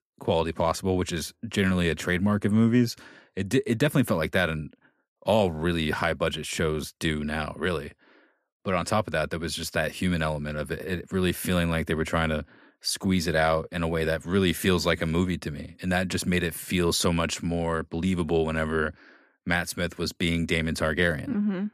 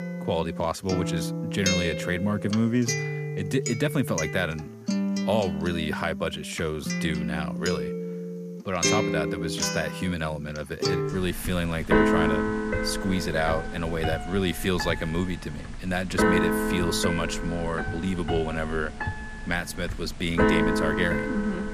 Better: first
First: none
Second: background music; loud; throughout; as loud as the speech

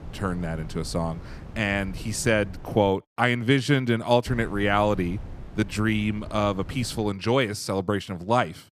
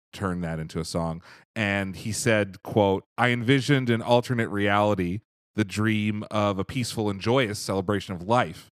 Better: second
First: wind noise on the microphone; occasional gusts; until 3 s and from 4.5 to 7 s; 25 dB below the speech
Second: none

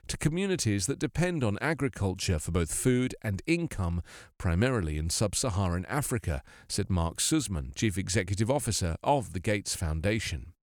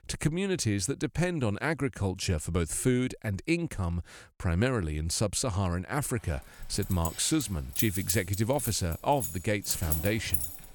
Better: first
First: none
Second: jangling keys; loud; from 6.5 s on; peak 1 dB above the speech

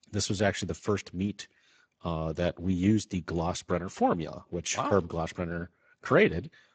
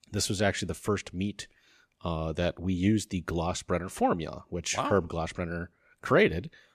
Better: second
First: garbled, watery; badly; nothing above 7.5 kHz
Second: none

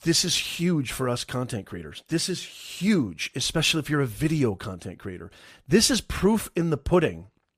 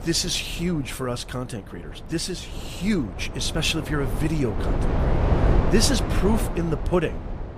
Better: first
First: none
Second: wind noise on the microphone; heavy; 5 dB below the speech

